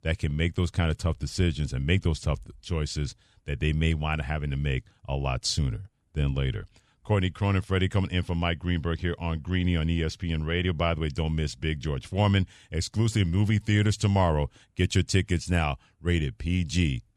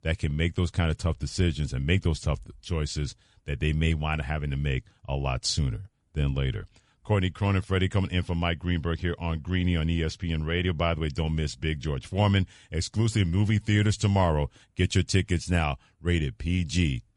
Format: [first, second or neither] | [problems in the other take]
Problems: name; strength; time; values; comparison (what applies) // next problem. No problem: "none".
first | garbled, watery; slightly; nothing above 10 kHz